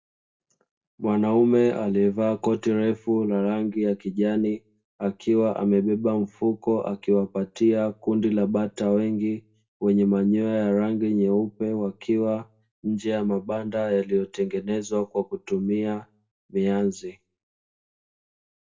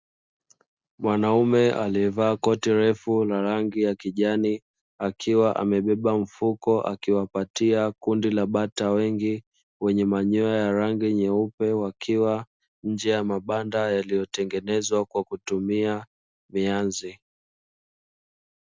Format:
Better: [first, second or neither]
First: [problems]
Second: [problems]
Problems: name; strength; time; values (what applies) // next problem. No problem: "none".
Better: second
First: room echo; dies away in 0.2 s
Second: none